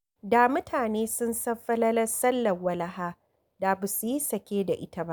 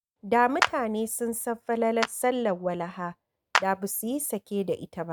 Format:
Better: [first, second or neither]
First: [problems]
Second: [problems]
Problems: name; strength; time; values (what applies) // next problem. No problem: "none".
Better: first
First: none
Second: noise reduction (neural mask model RNNoise)